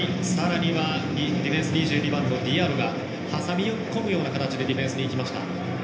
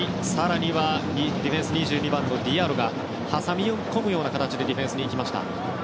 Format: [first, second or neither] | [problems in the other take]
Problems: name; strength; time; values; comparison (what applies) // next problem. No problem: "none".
second | room echo; dies away in 0.8 s